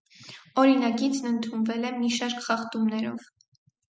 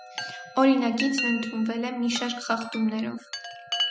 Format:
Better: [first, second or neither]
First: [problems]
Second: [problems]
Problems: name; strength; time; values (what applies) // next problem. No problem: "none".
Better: first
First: none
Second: background sound (Chime); 8 dB below the speech